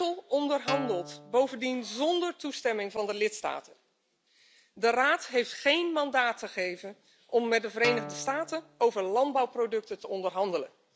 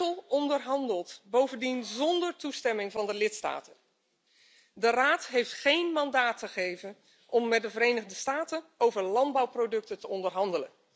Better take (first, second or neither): second